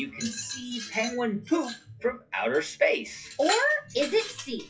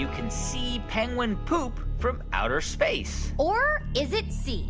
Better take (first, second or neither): second